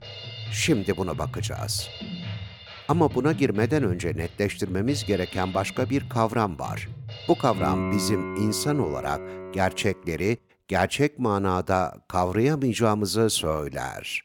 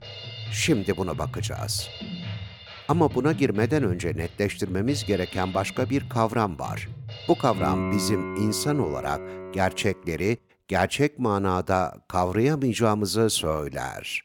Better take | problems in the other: neither | background music; loud; until 10 s; 9 dB below the speech; the same in both

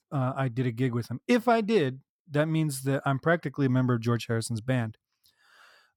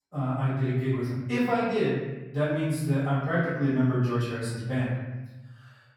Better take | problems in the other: first | off-mic speech; far // room echo; strong; dies away in 1.1 s

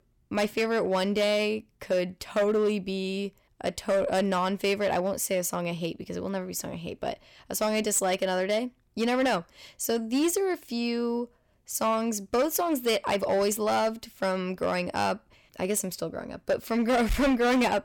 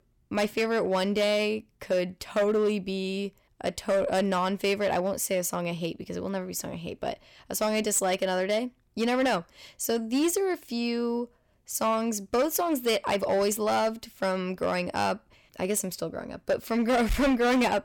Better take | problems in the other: neither | distortion; slight; 7% of the sound clipped; the same in both

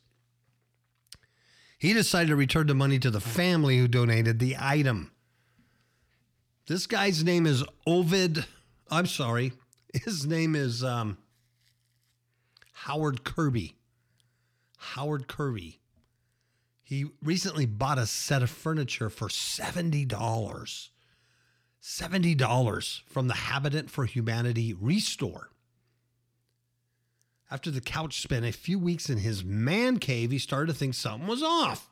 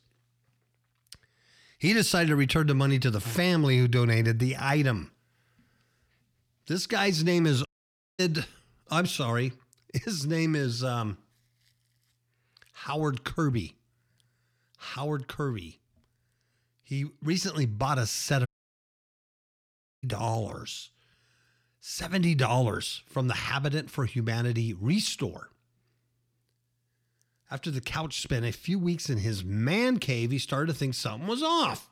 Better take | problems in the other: first | audio cutting out; at 7.5 s for 0.5 s and at 18 s for 1.5 s

